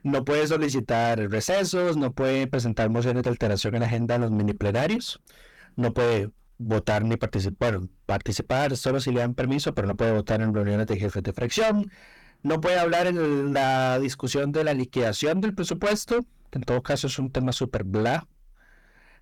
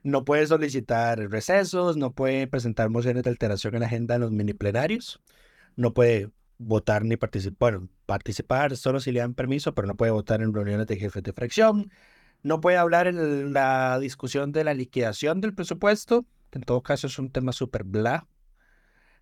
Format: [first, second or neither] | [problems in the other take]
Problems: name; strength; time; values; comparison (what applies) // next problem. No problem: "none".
second | distortion; heavy; 7 dB below the speech